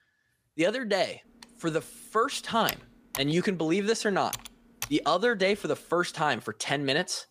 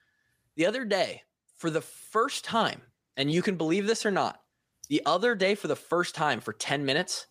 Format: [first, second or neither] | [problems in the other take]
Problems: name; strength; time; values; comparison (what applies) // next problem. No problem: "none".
second | keyboard typing; noticeable; from 1.5 to 5 s; peak 8 dB below the speech